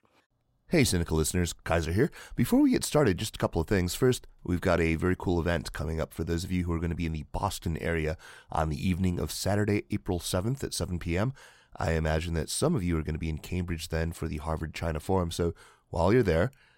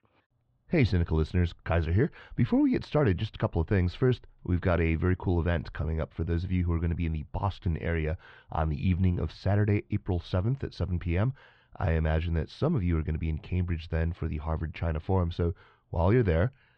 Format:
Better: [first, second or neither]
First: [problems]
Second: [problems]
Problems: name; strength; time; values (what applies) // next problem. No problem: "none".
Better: first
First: none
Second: muffled; slightly; fading above 3.5 kHz